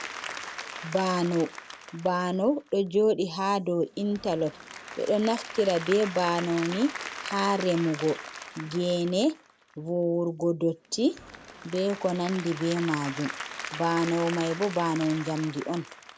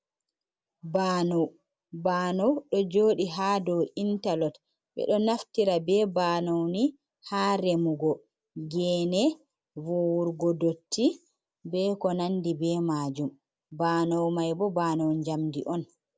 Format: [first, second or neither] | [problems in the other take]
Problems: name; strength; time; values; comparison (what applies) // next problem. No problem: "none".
second | background sound (Applause / Crowd); 12 dB below the speech